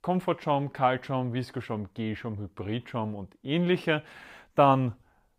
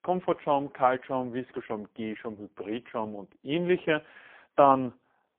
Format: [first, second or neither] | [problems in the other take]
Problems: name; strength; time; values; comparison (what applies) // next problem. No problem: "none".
first | phone-call audio; poor line; nothing above 3.5 kHz